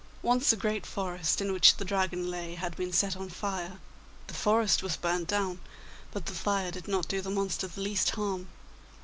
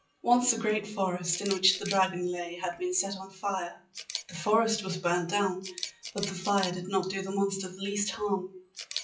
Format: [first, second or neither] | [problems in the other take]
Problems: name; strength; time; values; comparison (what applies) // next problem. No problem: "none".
first | noise reduction (classical method WPE with log-MMSE)